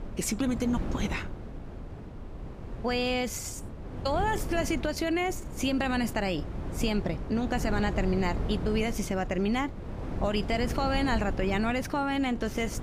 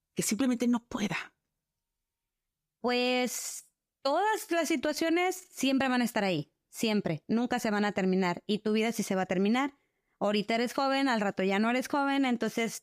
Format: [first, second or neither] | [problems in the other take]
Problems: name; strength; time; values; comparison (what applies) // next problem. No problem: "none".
second | wind noise on the microphone; occasional gusts; 10 dB below the speech